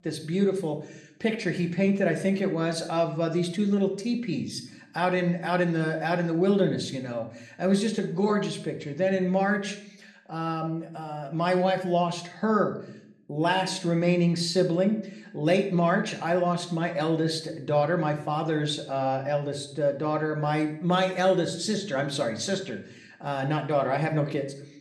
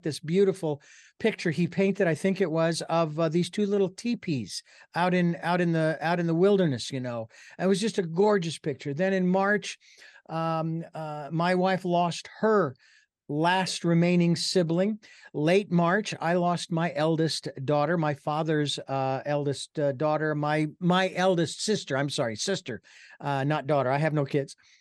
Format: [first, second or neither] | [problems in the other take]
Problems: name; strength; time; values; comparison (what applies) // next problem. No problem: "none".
second | room echo; slight; dies away in 0.5 s